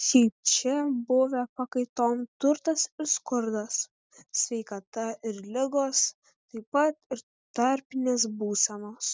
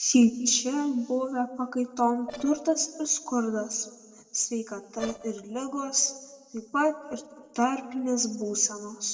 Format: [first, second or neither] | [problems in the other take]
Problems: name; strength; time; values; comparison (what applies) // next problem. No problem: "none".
first | noise reduction (neural separator model SepFormer DNS4)